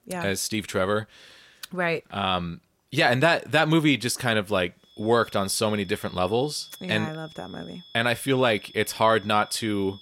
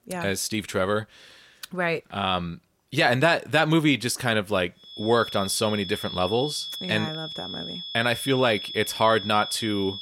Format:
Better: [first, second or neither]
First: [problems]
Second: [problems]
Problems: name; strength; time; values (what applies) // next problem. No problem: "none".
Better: first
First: high-pitched whine; faint; from 5 s on; 3.5 kHz, 20 dB below the speech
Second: high-pitched whine; loud; from 5 s on; 3.5 kHz, 9 dB below the speech